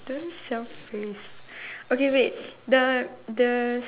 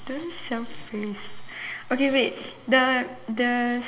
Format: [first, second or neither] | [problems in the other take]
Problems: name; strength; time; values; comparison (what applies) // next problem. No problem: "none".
first | room echo; dies away in 0.8 s